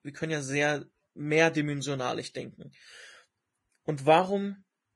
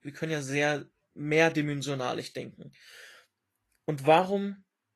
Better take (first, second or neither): second